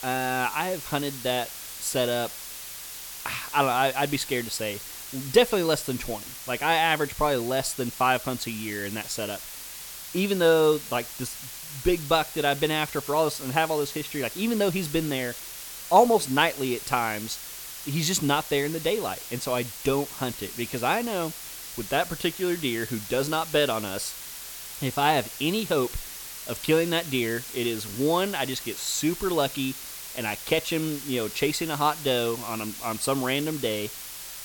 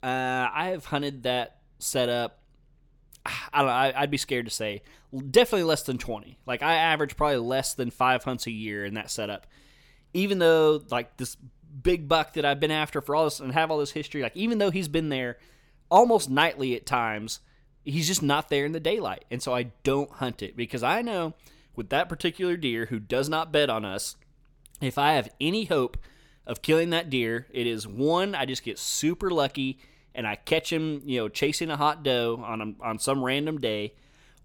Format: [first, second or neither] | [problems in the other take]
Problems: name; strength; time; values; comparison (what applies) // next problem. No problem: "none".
second | hiss; loud; throughout; 10 dB below the speech